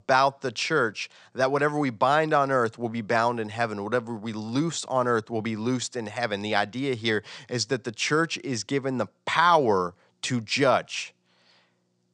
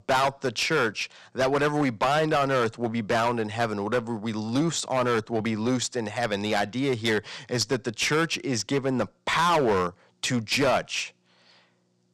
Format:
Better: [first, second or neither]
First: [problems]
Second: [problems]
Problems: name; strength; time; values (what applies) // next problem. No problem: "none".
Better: first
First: none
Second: distortion; heavy; 10% of the sound clipped